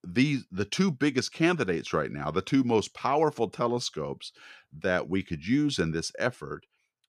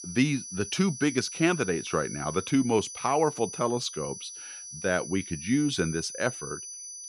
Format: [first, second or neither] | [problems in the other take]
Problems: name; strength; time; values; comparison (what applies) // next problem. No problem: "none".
first | high-pitched whine; loud; throughout; 6 kHz, 10 dB below the speech